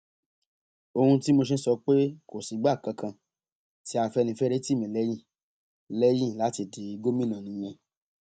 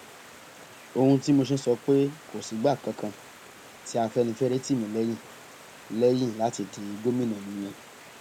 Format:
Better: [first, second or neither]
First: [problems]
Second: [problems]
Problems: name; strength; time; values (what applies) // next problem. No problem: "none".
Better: first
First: none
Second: background sound (Stream); 20 dB below the speech